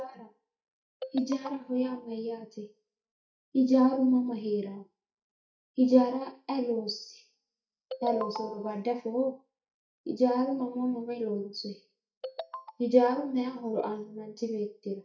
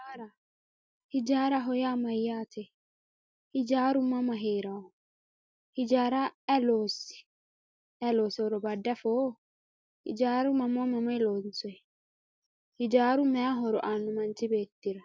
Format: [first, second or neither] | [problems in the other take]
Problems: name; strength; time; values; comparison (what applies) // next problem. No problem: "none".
second | noise reduction (neural mask model DeepFilterNet 3)